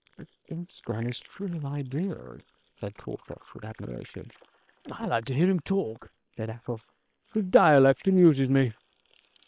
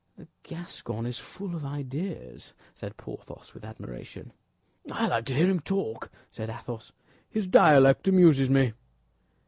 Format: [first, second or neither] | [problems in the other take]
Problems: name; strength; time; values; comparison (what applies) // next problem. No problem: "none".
second | noise reduction (neural separator model SepFormer WHAM!)